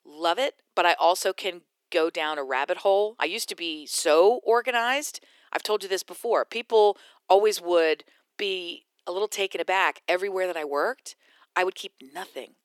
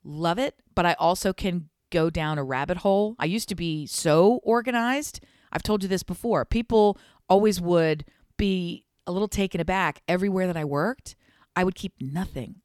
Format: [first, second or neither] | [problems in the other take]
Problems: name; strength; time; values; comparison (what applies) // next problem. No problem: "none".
second | thin; very; fading below 350 Hz